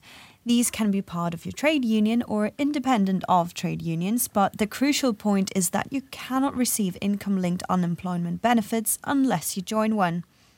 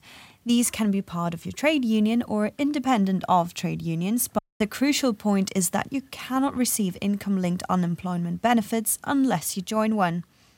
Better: first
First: none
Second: audio cutting out; at 4.5 s

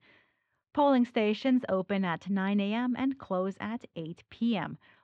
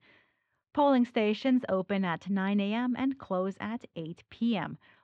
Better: neither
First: muffled; slightly; fading above 3.5 kHz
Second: muffled; slightly; fading above 3.5 kHz

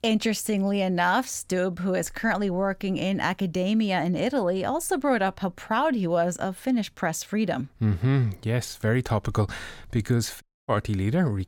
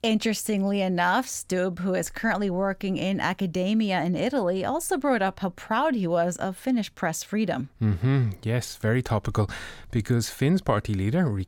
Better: second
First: audio cutting out; at 10 s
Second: none

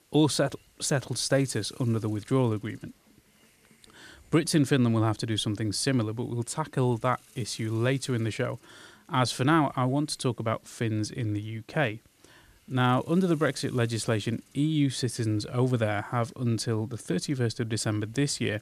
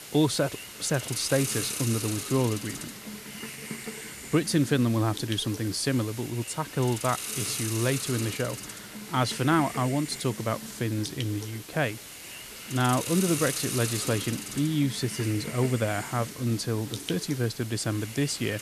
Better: first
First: hiss; faint; throughout; 30 dB below the speech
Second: hiss; loud; throughout; 7 dB below the speech

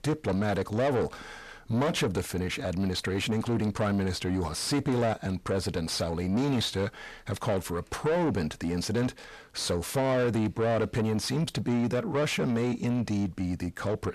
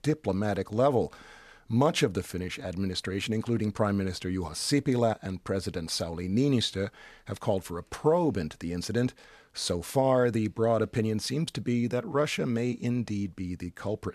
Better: second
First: distortion; heavy; 8 dB below the speech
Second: none

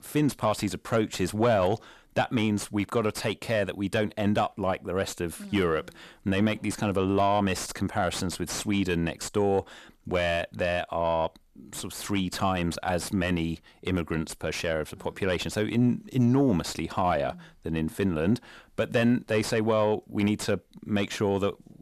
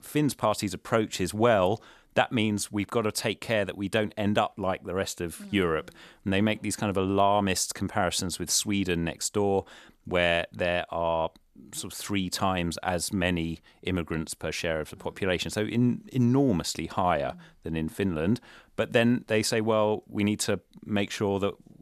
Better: second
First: distortion; slight; 10 dB below the speech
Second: none

